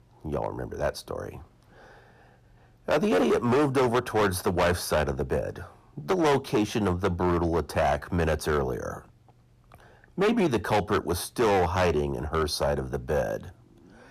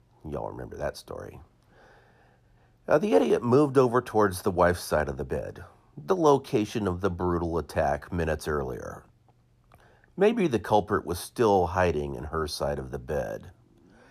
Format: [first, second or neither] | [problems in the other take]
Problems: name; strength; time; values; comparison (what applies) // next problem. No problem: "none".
second | distortion; heavy; 9% of the sound clipped